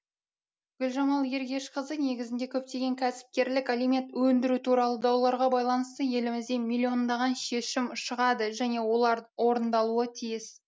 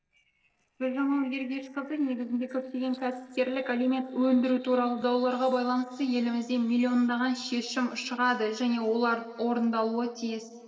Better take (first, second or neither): first